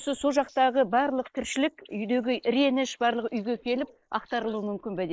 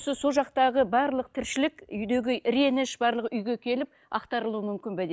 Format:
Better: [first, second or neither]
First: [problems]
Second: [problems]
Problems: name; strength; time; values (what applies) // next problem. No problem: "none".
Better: second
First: noise reduction (neural mask model Resemble Enhance denoiser)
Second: none